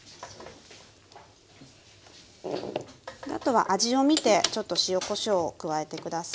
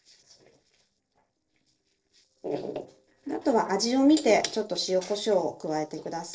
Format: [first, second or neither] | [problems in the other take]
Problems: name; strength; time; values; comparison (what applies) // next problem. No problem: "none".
first | noise reduction (neural separator model SepFormer DNS4)